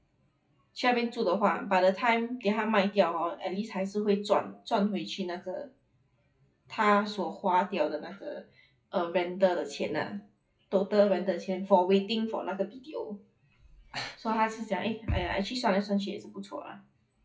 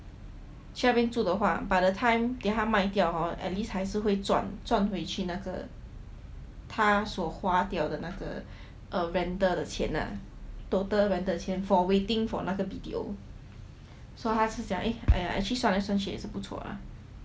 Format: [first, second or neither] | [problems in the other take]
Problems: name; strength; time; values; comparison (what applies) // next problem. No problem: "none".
second | noise reduction (classical method WPE with log-MMSE)